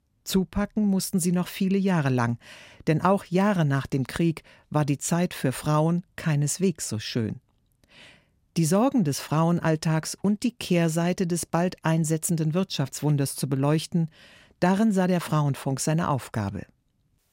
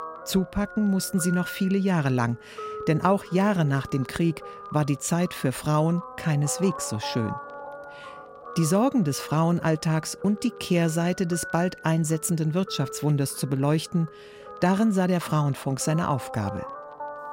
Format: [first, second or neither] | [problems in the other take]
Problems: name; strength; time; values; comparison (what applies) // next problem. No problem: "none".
first | background music; noticeable; throughout; 15 dB below the speech